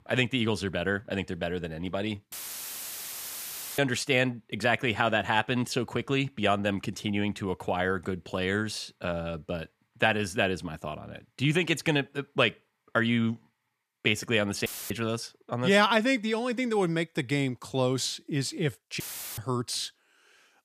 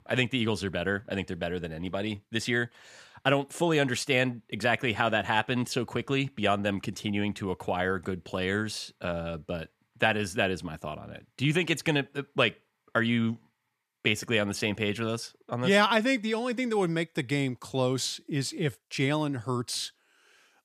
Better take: second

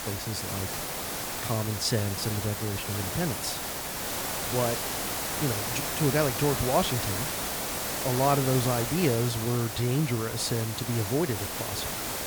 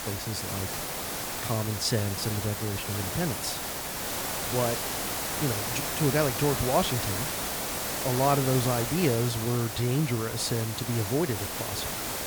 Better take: neither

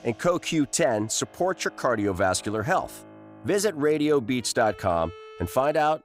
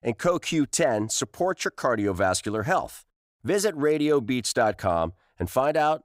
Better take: second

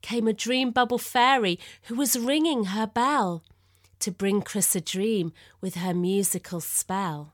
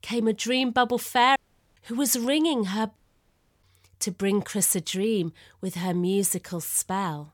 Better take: first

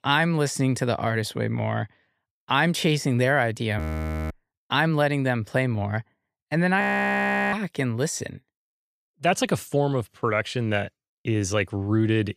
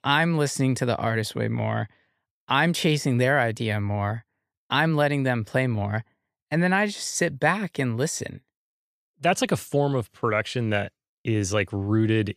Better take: second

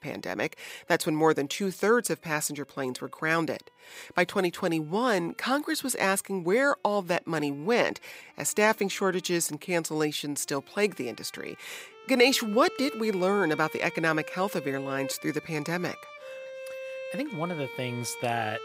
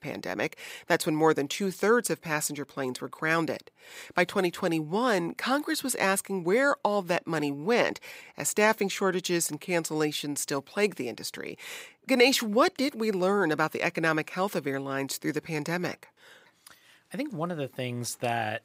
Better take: second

